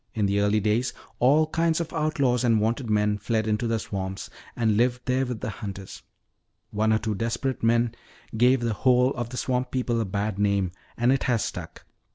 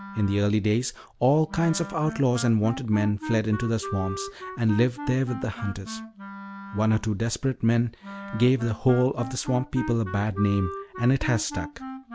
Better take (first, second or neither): first